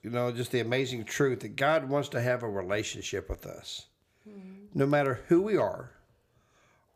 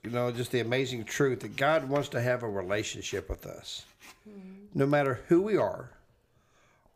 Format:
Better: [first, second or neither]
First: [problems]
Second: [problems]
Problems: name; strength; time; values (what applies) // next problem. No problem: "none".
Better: first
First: none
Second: household noises; faint; throughout; 25 dB below the speech